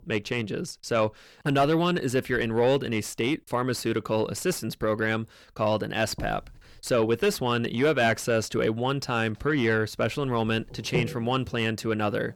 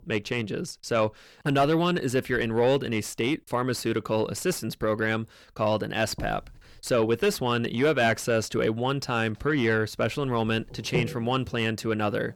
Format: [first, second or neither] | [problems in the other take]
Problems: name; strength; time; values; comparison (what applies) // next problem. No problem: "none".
neither | distortion; slight; 10 dB below the speech; the same in both